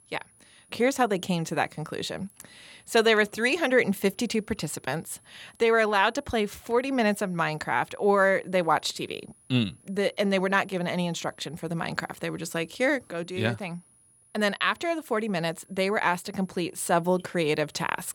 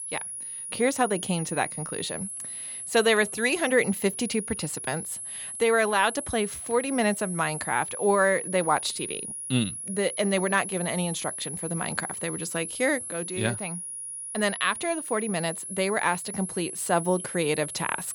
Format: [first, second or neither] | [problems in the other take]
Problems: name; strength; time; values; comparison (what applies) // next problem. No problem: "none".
first | high-pitched whine; loud; throughout; 10.5 kHz, 7 dB below the speech; faint in the first